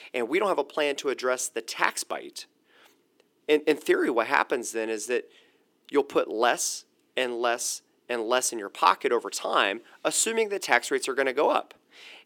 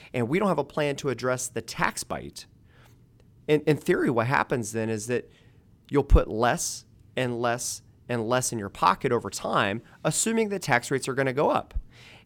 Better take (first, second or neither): second